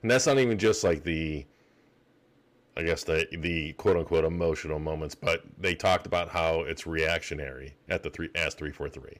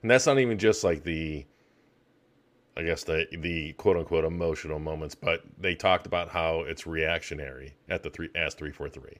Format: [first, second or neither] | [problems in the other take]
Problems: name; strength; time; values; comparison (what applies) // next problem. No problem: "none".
second | distortion; slight; 2% of the sound clipped